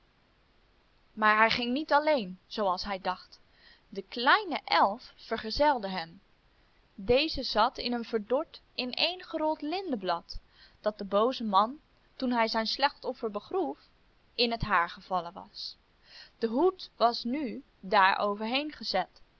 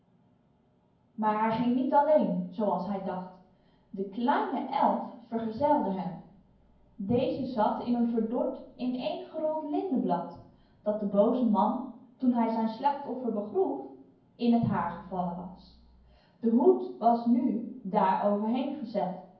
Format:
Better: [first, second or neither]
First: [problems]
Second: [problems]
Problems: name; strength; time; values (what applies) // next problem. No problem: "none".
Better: first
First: none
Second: room echo; dies away in 0.9 s